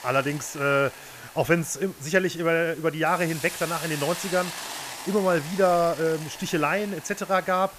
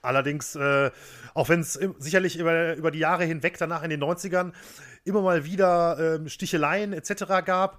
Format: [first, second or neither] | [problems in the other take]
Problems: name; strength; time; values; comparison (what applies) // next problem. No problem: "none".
second | hiss; noticeable; throughout; 10 dB below the speech